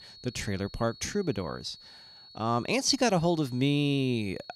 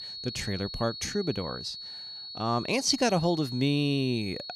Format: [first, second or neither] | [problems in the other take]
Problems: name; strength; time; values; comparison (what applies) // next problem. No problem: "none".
first | high-pitched whine; loud; throughout; 4.5 kHz, 9 dB below the speech; faint in the first